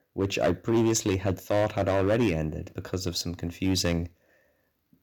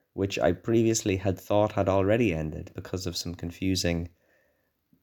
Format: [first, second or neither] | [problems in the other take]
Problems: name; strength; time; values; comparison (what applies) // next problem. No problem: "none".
second | distortion; slight; 5% of the sound clipped